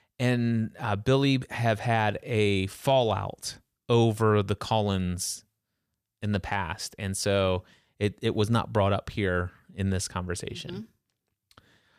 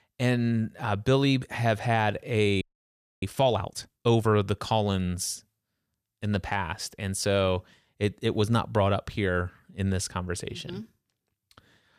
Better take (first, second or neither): first